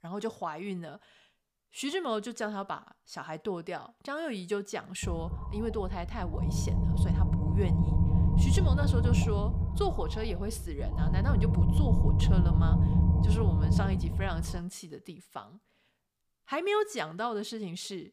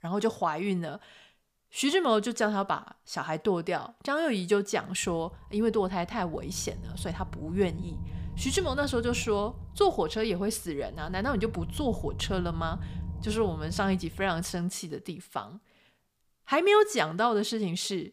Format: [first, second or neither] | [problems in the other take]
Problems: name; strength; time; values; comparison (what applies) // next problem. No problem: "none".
second | low rumble; loud; from 5 to 15 s; 3 dB below the speech; faint in the second